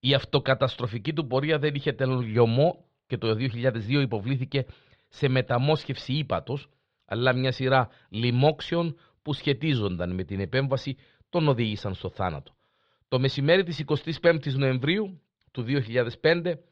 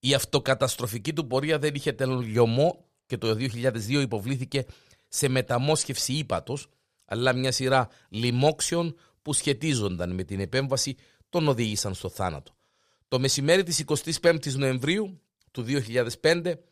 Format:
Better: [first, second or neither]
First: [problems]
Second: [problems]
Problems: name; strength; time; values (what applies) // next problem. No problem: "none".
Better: second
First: muffled; slightly; fading above 4 kHz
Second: none